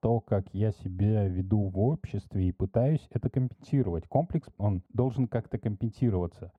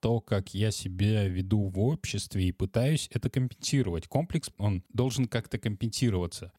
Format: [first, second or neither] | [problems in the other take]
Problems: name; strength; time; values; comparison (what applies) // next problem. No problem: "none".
second | muffled; very; fading above 2 kHz